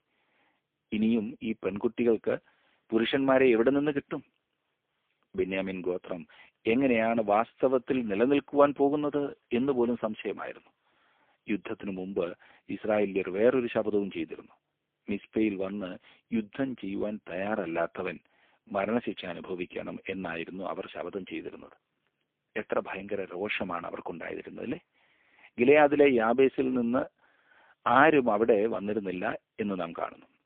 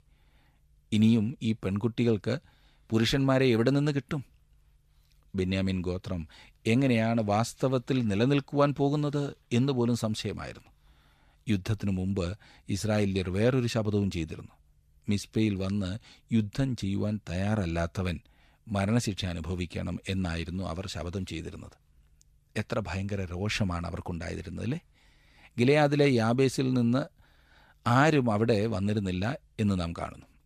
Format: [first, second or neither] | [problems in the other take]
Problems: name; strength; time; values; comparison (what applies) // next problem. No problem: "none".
second | phone-call audio; poor line; nothing above 3.5 kHz